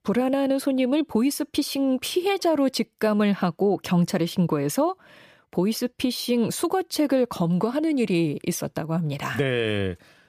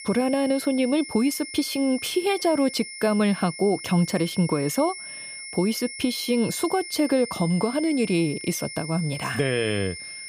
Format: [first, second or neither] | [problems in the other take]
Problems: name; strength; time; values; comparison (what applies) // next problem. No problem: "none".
first | high-pitched whine; noticeable; throughout; 2 kHz, 10 dB below the speech